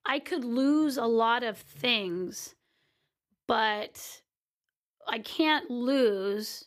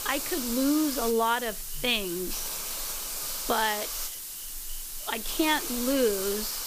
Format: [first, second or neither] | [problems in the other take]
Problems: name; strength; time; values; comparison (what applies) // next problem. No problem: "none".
first | hiss; loud; throughout; 4 dB below the speech